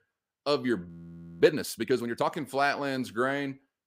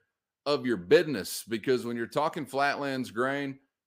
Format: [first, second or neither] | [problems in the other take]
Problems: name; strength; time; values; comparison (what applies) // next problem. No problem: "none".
second | audio freezing; at 1 s for 0.5 s